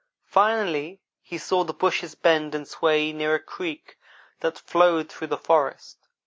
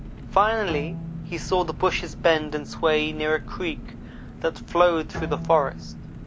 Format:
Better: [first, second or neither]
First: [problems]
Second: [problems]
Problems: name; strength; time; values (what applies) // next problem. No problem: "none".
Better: first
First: none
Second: background sound (Engine + Bowed string instrument); 10 dB below the speech